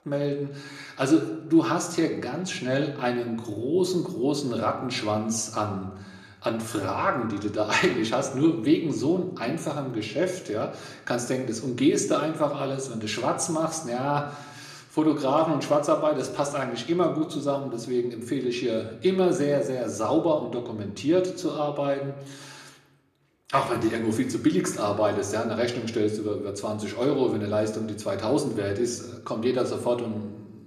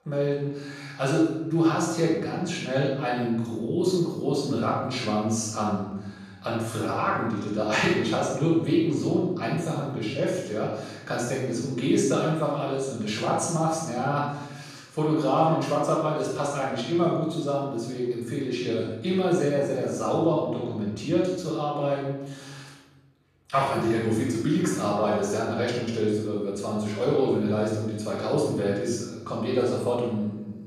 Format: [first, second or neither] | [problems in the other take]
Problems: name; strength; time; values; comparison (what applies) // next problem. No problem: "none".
first | room echo; strong; dies away in 1 s; slight in the first // off-mic speech; far; somewhat distant in the first